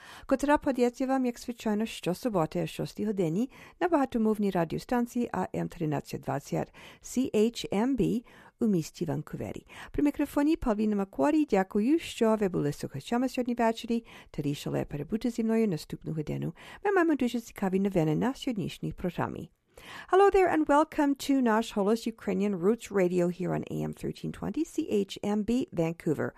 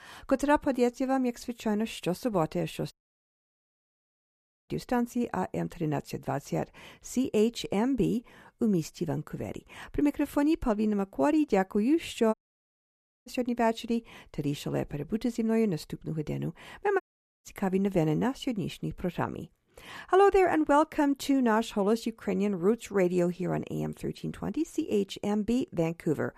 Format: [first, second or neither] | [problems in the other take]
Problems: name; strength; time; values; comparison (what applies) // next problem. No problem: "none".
first | audio cutting out; at 3 s for 2 s, at 12 s for 1 s and at 17 s